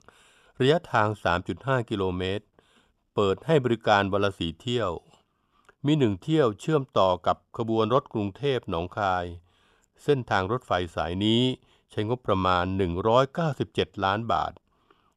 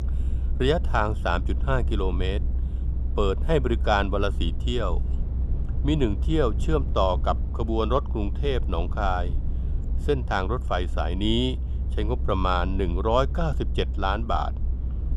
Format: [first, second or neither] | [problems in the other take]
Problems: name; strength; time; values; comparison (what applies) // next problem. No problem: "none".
first | low rumble; noticeable; throughout; 20 dB below the speech